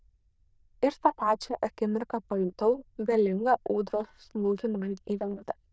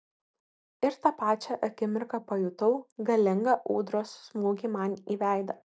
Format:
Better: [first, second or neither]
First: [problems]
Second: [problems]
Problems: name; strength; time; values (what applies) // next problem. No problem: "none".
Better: second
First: noise reduction (neural diffusion model UNIVERSE++)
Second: none